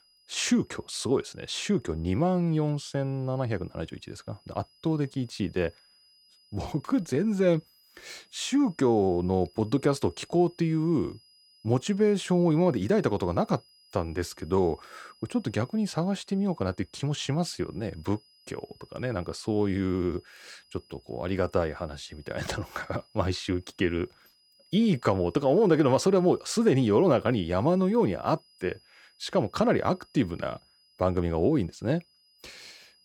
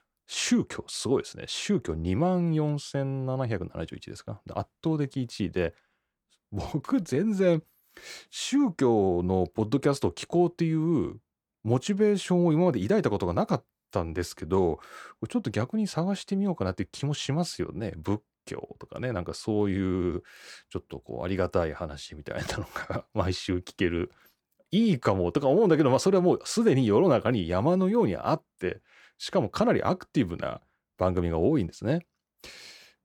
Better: second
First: high-pitched whine; faint; throughout; 5 kHz, 30 dB below the speech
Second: none

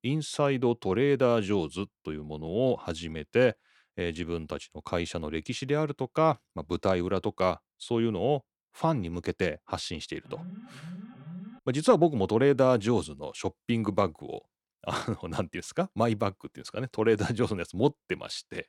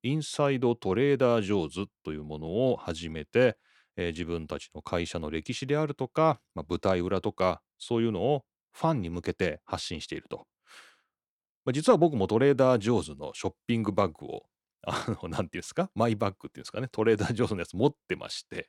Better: second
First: alarm; faint; from 10 to 12 s; peak 15 dB below the speech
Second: none

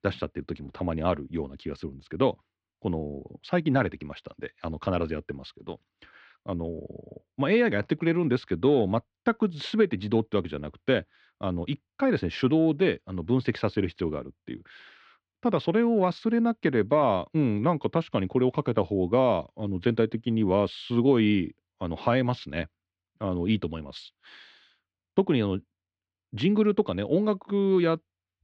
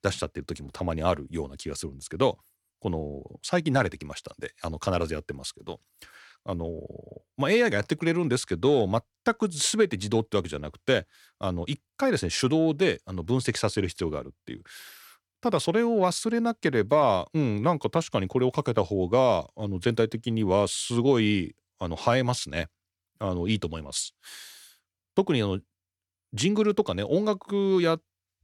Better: second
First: muffled; slightly; fading above 3.5 kHz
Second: none

